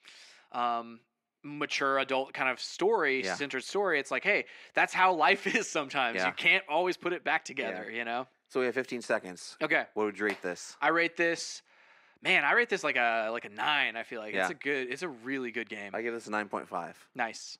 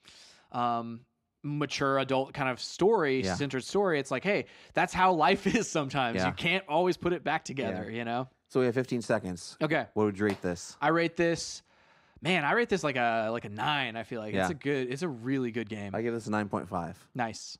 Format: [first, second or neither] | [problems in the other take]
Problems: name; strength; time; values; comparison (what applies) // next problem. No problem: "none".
second | thin; somewhat; fading below 300 Hz